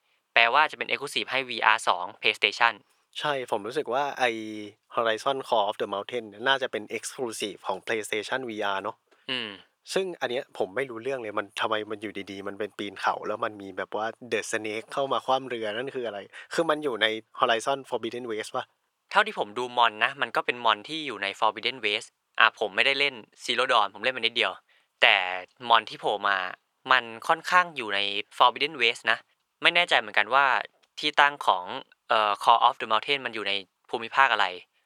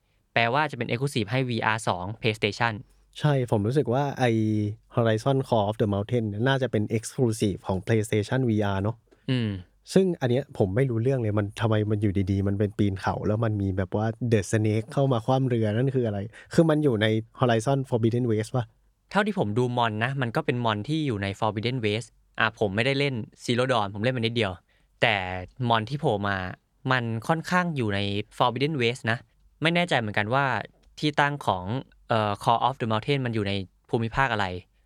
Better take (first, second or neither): second